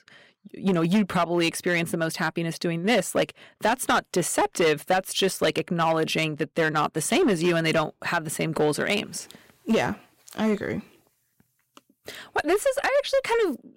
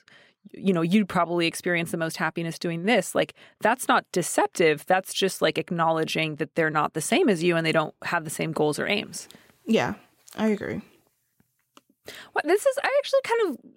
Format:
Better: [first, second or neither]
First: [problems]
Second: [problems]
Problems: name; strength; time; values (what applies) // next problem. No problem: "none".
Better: second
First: distortion; slight; 6% of the sound clipped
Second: none